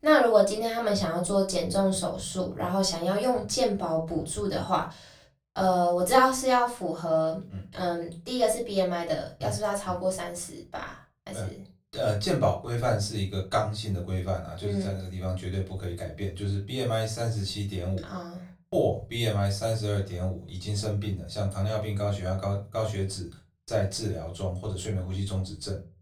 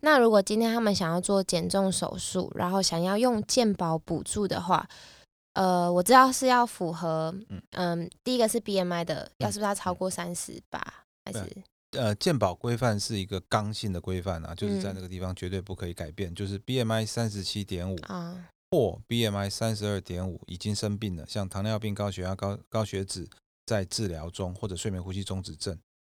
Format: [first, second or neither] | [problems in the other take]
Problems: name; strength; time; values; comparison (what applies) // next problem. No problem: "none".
second | off-mic speech; far // room echo; very slight; dies away in 0.3 s